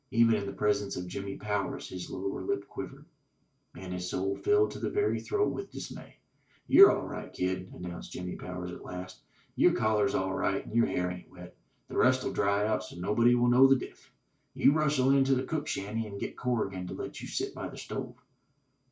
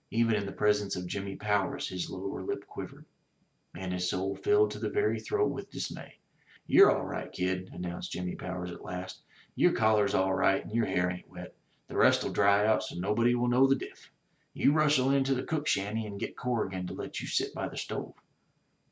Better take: second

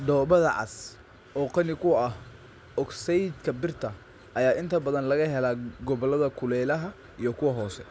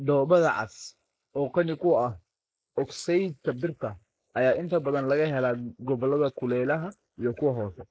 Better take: first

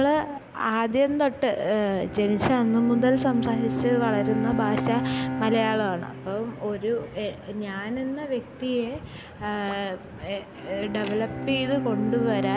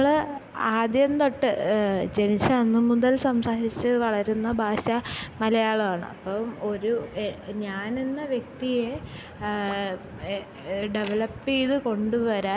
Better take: second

